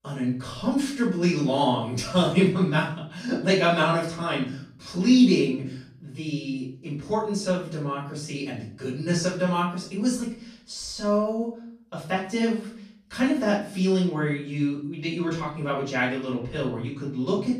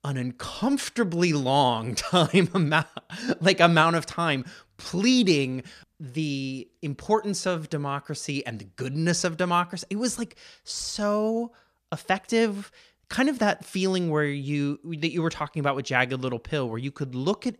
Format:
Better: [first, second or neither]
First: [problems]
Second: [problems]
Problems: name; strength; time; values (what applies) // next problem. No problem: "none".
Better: second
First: off-mic speech; far // room echo; noticeable; dies away in 0.5 s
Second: none